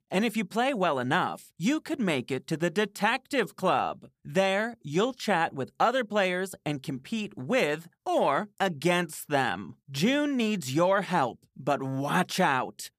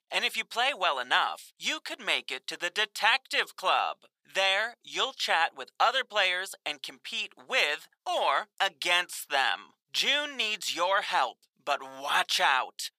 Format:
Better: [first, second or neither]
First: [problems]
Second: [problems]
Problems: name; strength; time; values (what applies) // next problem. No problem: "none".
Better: first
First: none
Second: thin; very; fading below 850 Hz